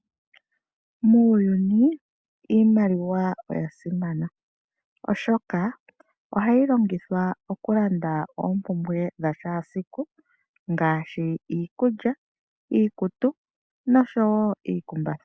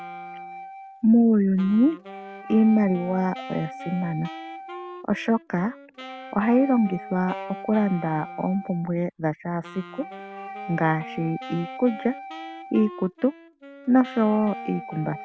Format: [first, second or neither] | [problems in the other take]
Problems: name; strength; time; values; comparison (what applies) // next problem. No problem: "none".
first | background sound (Wind instrument, woodwind instrument + Wind instrument, woodwind instrument); 14 dB below the speech